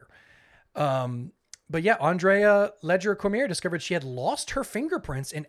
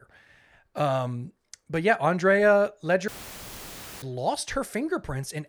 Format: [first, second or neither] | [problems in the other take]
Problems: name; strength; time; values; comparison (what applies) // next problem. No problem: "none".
first | audio cutting out; filled with static; at 3 s for 1 s